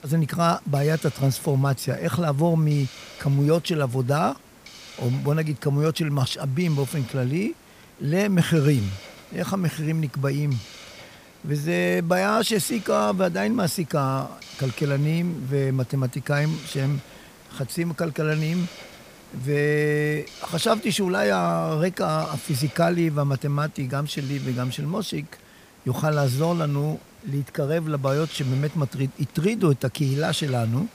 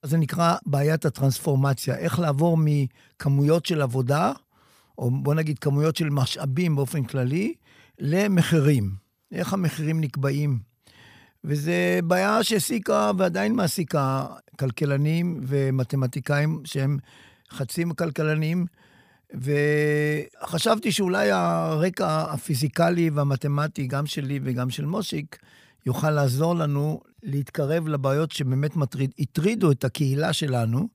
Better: second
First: hiss; noticeable; throughout; 20 dB below the speech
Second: none

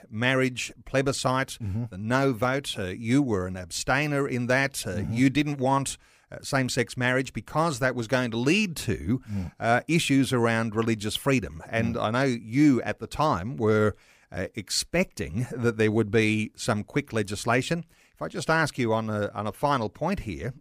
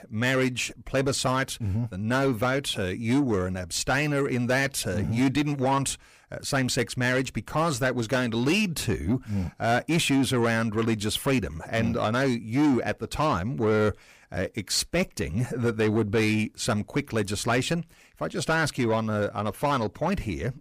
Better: first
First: none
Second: distortion; slight; 10 dB below the speech

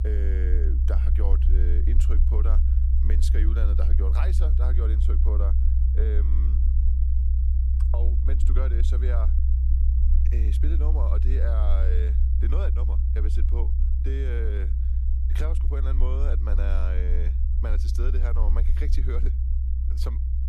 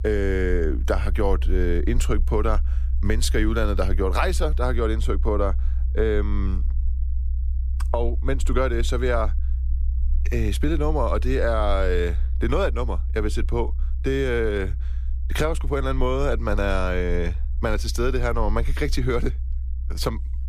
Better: second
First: low rumble; loud; throughout; 3 dB below the speech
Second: low rumble; faint; throughout; 20 dB below the speech

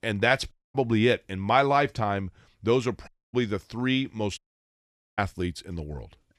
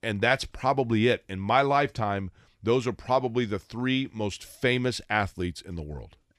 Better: second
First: audio cutting out; at 0.5 s, at 3 s and at 4.5 s for 1 s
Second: none

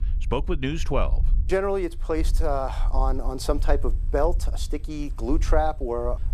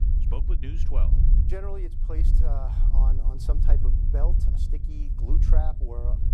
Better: first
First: low rumble; faint; throughout; 25 dB below the speech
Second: low rumble; loud; throughout; 3 dB below the speech

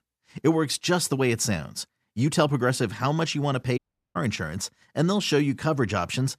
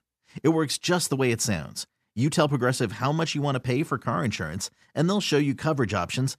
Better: second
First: audio cutting out; at 4 s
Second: none

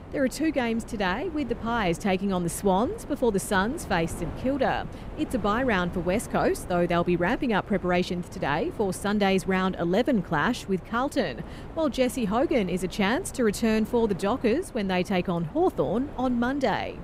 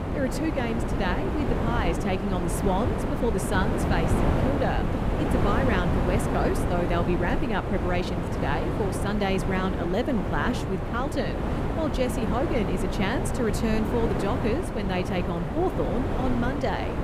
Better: first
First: wind noise on the microphone; occasional gusts; 20 dB below the speech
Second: wind noise on the microphone; heavy; 2 dB below the speech

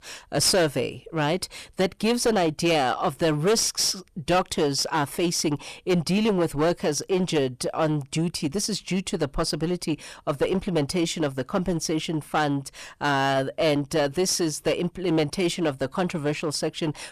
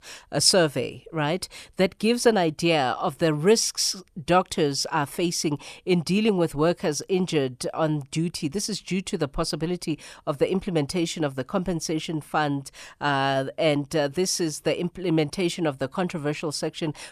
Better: second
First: distortion; slight; 9% of the sound clipped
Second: none

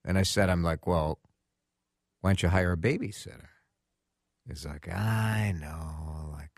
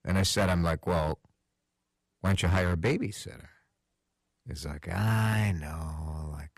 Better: first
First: none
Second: distortion; slight; 4% of the sound clipped

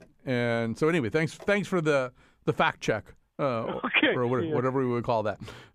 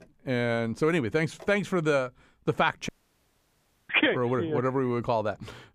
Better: first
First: none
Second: audio cutting out; at 3 s for 1 s

